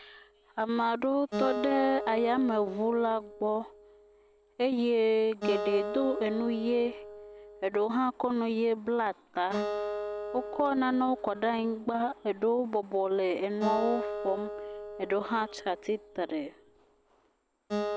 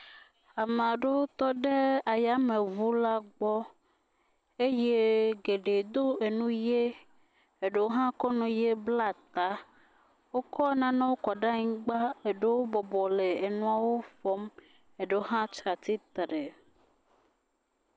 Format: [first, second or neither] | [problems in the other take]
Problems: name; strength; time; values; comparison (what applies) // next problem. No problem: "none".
second | background sound (Acoustic guitar); 8 dB below the speech